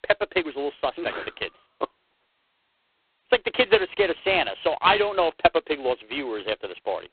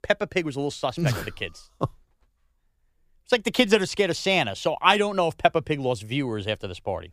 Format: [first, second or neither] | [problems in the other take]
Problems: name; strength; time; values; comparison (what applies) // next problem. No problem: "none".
second | phone-call audio; poor line; nothing above 4 kHz